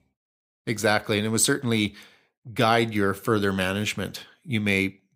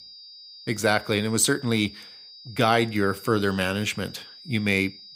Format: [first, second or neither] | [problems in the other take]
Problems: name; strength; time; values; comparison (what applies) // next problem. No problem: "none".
first | high-pitched whine; noticeable; throughout; 4.5 kHz, 20 dB below the speech